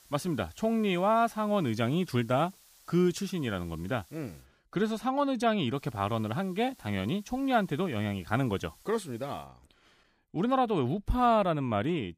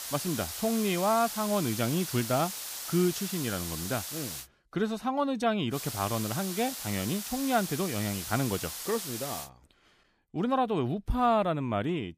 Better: first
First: hiss; faint; until 4.5 s and from 5.5 to 9.5 s; 25 dB below the speech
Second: hiss; loud; until 4.5 s and from 5.5 to 9.5 s; 6 dB below the speech

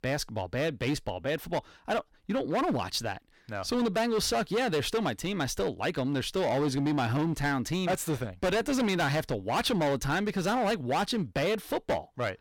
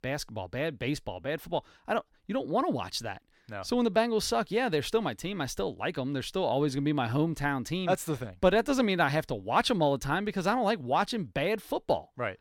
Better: second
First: distortion; heavy; 16% of the sound clipped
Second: none

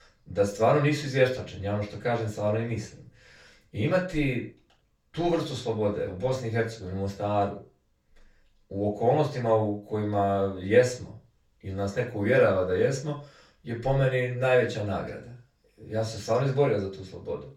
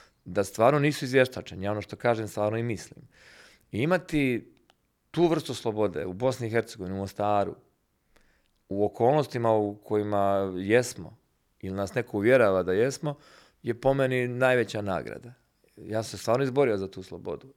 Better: second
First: room echo; noticeable; dies away in 0.3 s // off-mic speech; far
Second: none

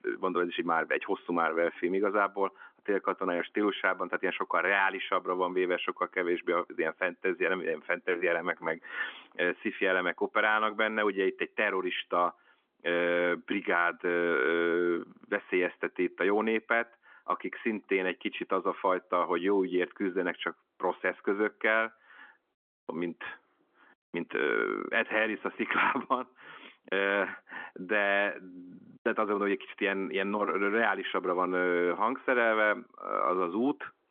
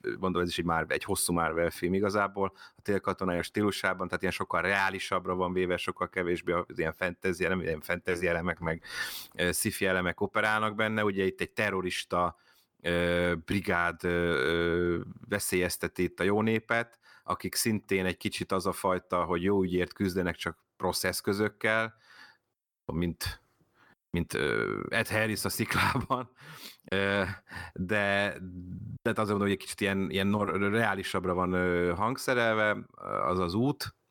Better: second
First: phone-call audio; nothing above 3.5 kHz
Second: none

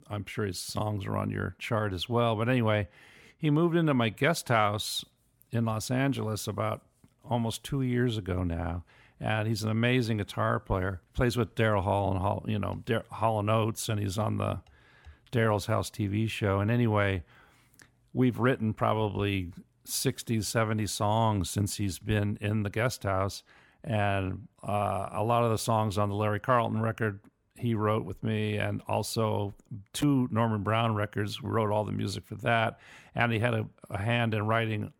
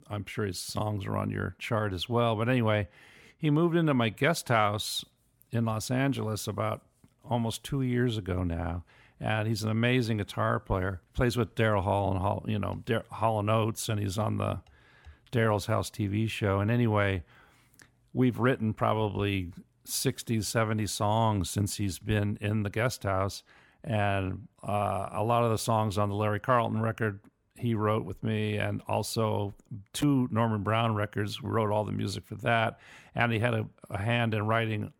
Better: neither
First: none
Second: none

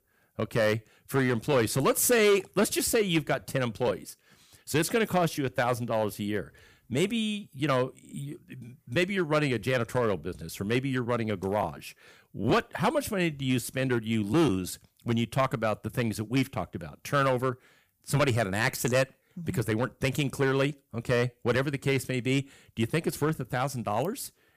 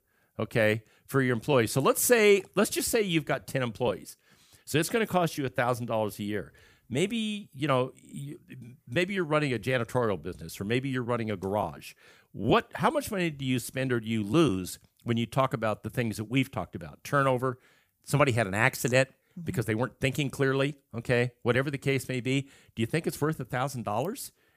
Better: second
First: distortion; slight; 3% of the sound clipped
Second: none

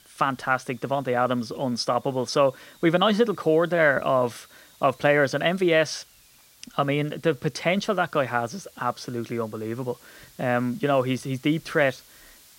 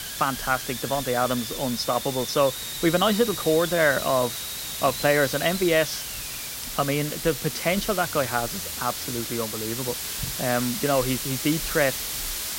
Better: first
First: hiss; faint; throughout; 25 dB below the speech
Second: hiss; loud; throughout; 5 dB below the speech

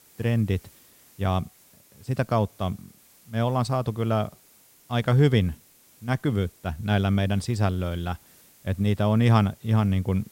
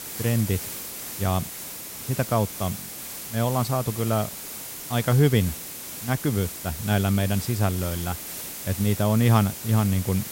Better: first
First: hiss; faint; throughout; 30 dB below the speech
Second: hiss; loud; throughout; 8 dB below the speech

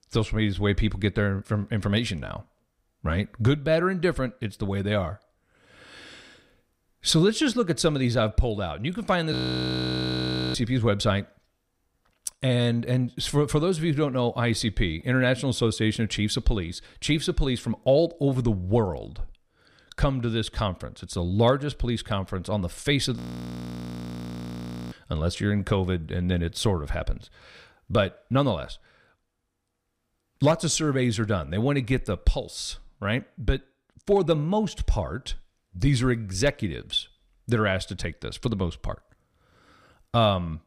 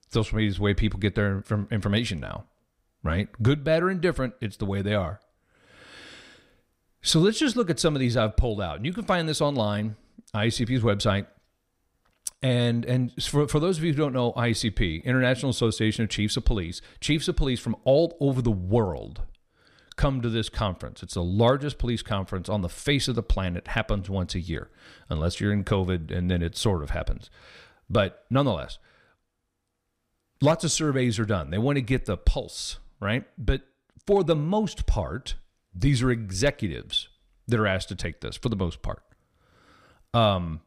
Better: second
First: audio freezing; at 9.5 s for 1 s and at 23 s for 2 s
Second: none

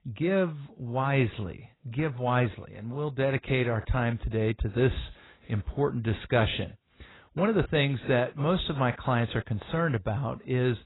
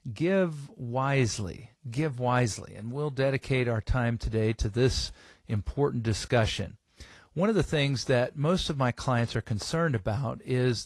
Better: second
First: garbled, watery; badly; nothing above 4 kHz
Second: garbled, watery; slightly

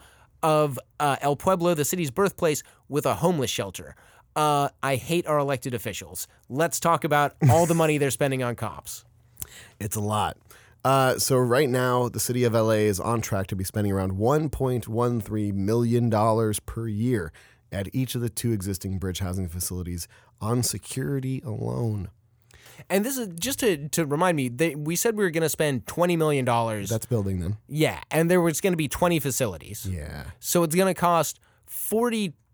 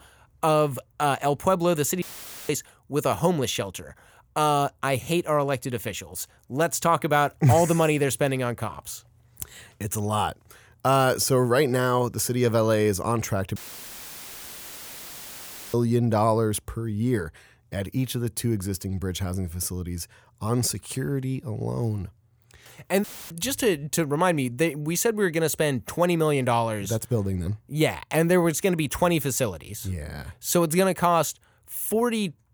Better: first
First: none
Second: audio cutting out; filled with static; at 2 s, at 14 s for 2 s and at 23 s

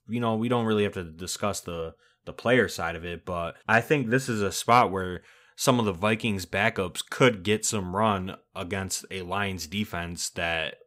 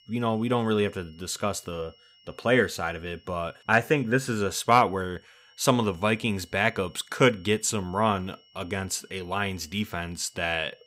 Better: first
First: none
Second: high-pitched whine; faint; throughout; 3 kHz, 30 dB below the speech

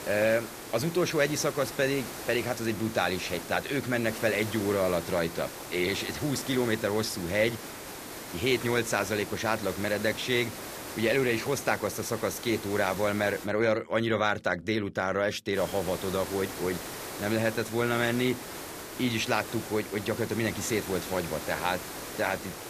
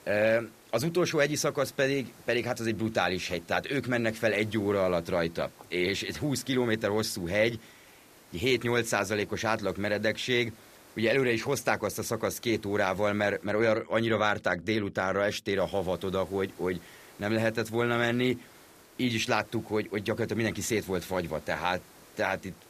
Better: second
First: hiss; loud; until 13 s and from 16 s on; 10 dB below the speech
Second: hiss; faint; until 13 s and from 16 s on; 25 dB below the speech

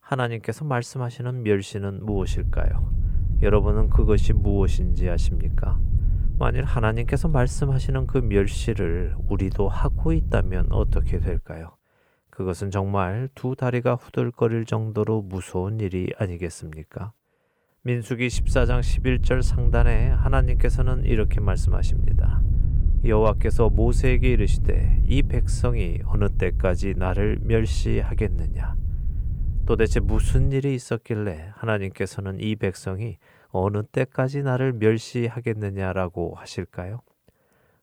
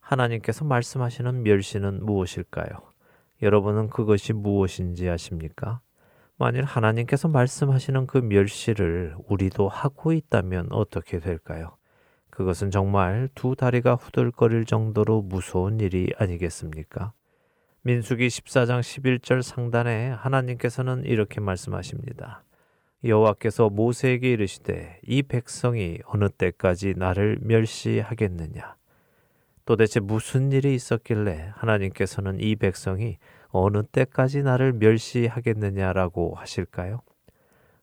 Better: second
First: wind noise on the microphone; occasional gusts; from 2 to 11 s and from 18 to 30 s; 15 dB below the speech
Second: none

